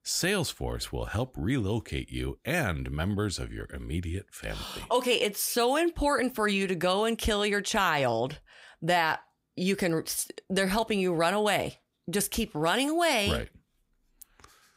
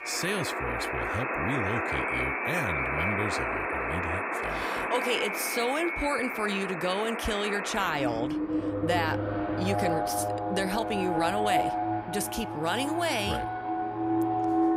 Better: first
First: none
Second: alarms or sirens; very loud; throughout; 1 dB above the speech

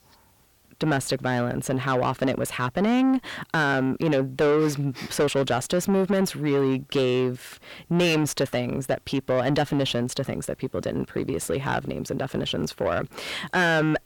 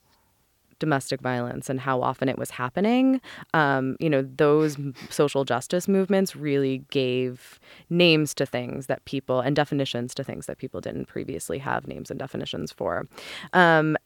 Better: second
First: distortion; heavy; 6 dB below the speech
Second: none

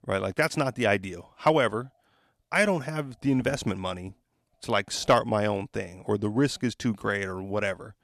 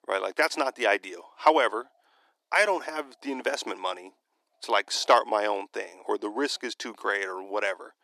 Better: first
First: none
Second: thin; somewhat; fading below 300 Hz

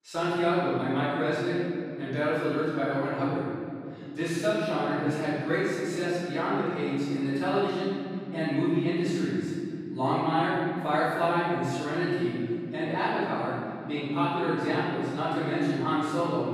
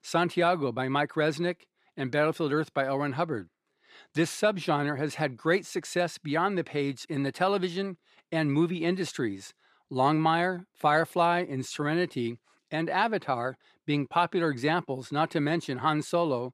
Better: second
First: room echo; strong; dies away in 3 s // off-mic speech; far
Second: none

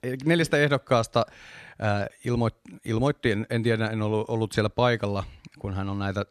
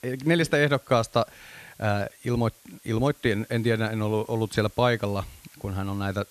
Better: first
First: none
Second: hiss; faint; throughout; 25 dB below the speech

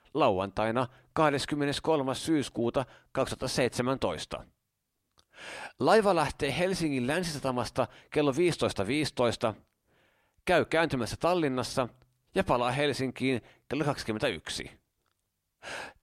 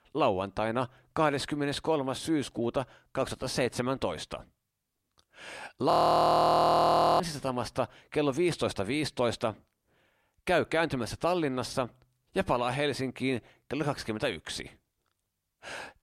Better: first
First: none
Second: audio freezing; at 6 s for 1.5 s

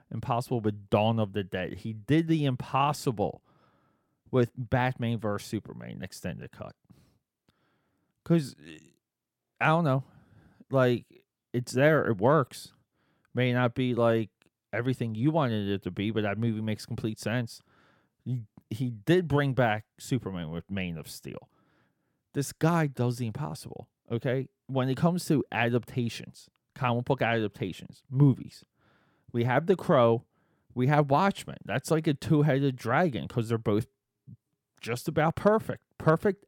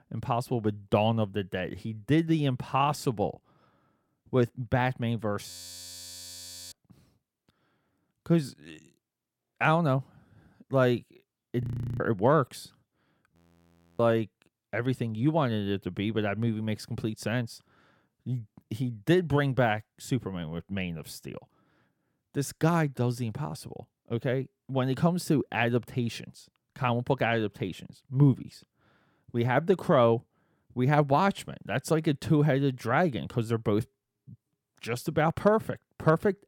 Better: first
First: none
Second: audio freezing; at 5.5 s for 1 s, at 12 s and at 13 s for 0.5 s

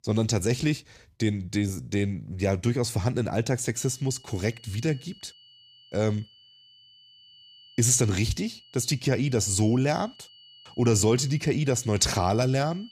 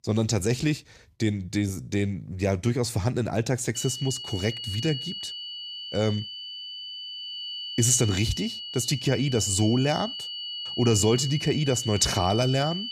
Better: first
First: high-pitched whine; faint; from 4 s on; 3 kHz, 25 dB below the speech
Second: high-pitched whine; loud; from 4 s on; 3 kHz, 7 dB below the speech

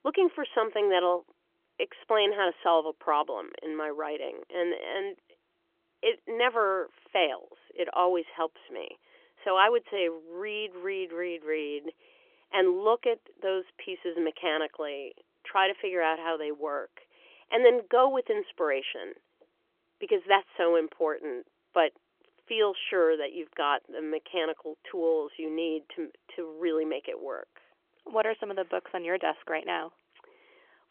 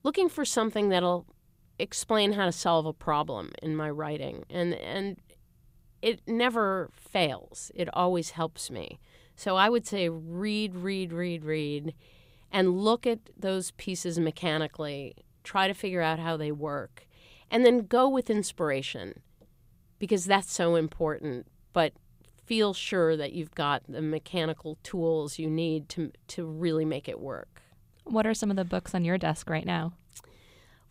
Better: second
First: phone-call audio; nothing above 3.5 kHz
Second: none

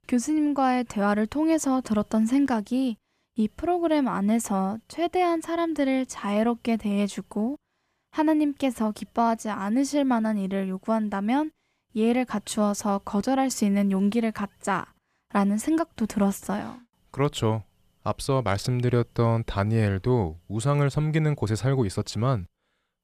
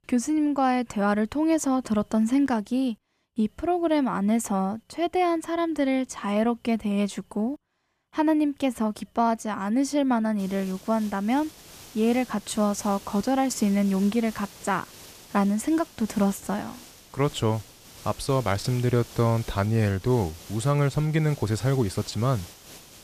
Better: first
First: none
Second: hiss; noticeable; from 10 s on; 20 dB below the speech

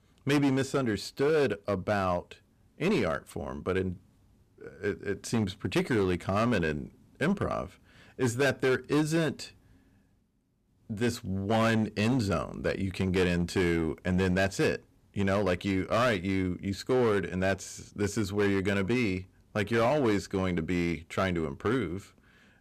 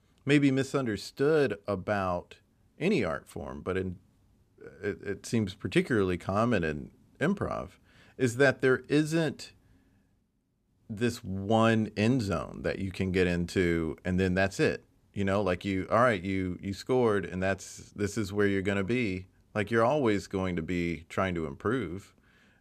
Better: second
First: distortion; slight; 8% of the sound clipped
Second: none

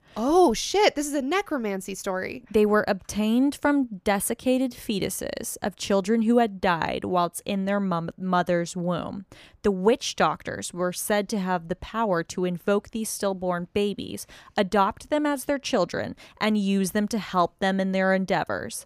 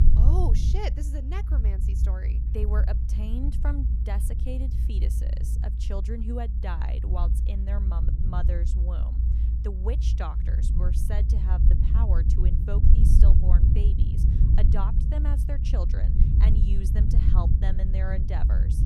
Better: first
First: none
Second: low rumble; loud; throughout; 2 dB below the speech

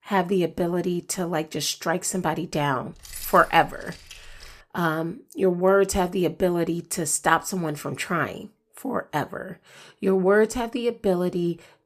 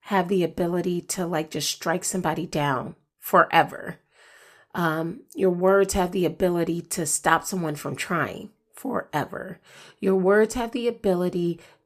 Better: second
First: jangling keys; faint; from 3 to 4.5 s; peak 10 dB below the speech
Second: none

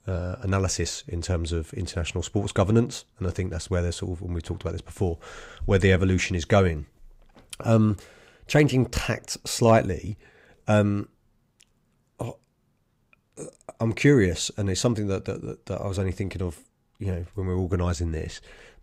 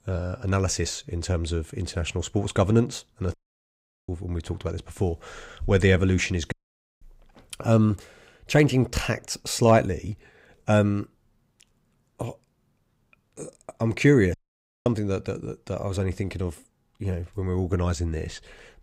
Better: first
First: none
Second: audio cutting out; at 3.5 s for 0.5 s, at 6.5 s and at 14 s for 0.5 s

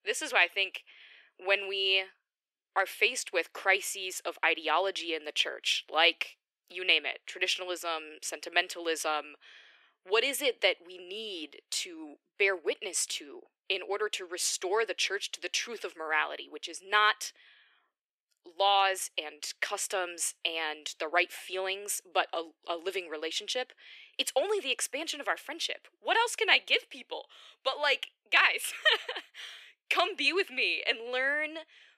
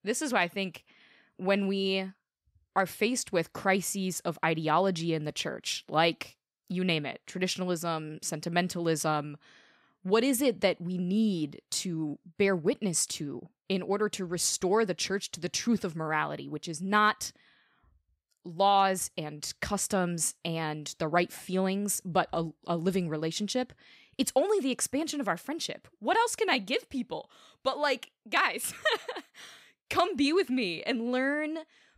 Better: second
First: thin; very; fading below 350 Hz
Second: none

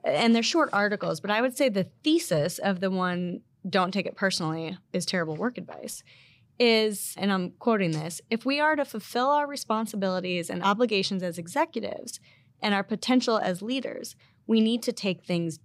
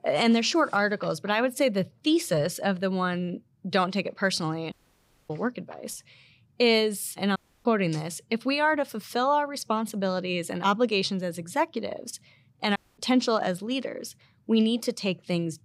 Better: first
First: none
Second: audio cutting out; at 4.5 s for 0.5 s, at 7.5 s and at 13 s

